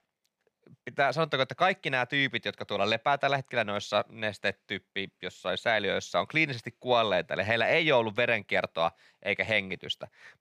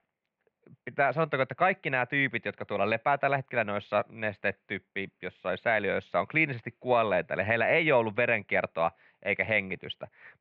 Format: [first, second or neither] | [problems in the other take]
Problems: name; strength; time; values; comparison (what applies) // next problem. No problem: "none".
first | muffled; very; fading above 2.5 kHz